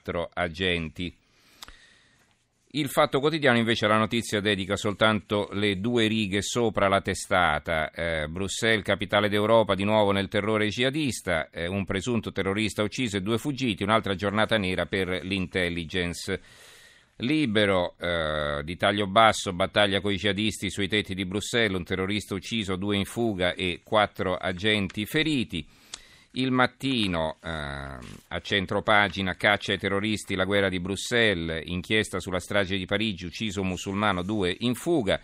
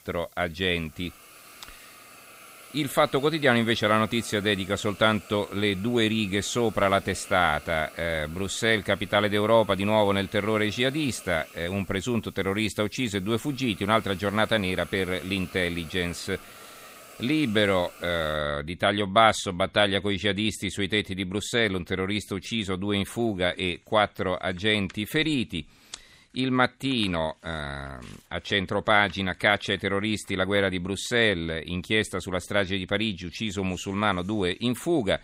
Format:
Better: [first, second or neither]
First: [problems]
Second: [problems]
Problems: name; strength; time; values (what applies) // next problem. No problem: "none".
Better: first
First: none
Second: hiss; faint; until 18 s; 20 dB below the speech